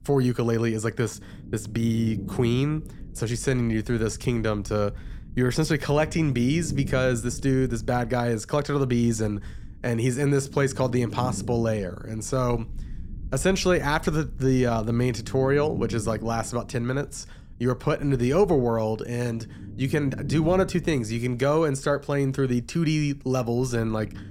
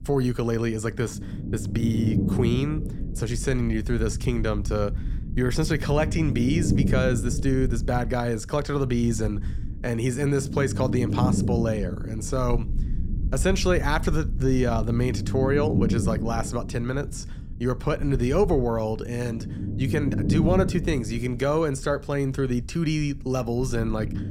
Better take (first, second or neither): first